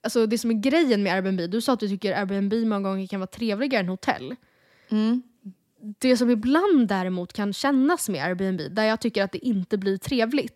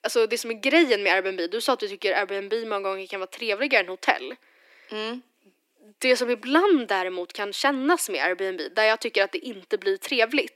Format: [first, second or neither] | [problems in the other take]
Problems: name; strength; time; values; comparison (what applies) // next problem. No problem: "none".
first | thin; somewhat; fading below 300 Hz